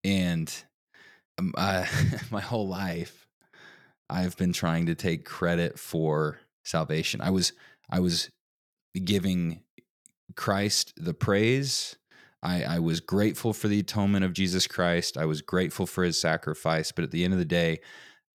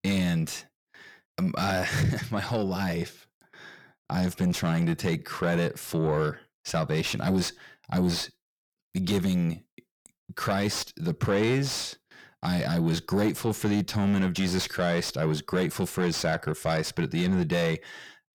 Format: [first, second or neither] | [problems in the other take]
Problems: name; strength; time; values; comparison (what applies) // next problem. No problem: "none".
first | distortion; slight; 10 dB below the speech